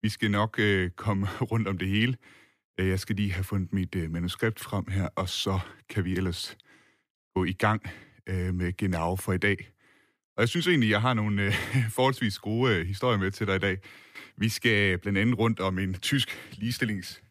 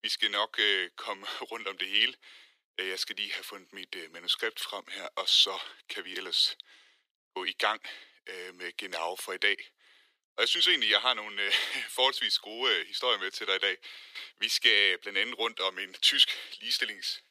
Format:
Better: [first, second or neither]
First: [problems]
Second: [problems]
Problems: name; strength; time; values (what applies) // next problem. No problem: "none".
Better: first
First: none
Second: thin; very; fading below 400 Hz